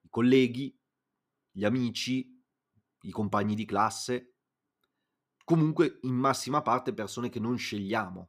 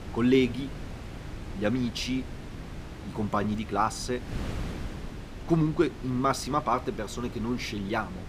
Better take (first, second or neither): first